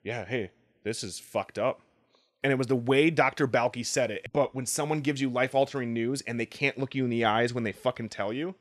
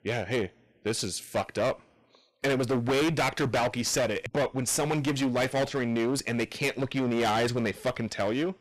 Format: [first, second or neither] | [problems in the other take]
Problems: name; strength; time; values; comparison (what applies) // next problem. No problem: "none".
first | distortion; heavy; 20% of the sound clipped